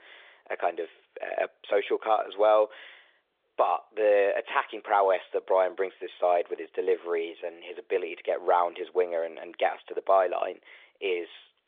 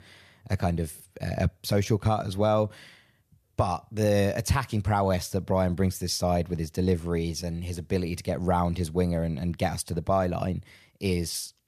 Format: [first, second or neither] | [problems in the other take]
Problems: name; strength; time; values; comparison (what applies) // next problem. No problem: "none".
second | phone-call audio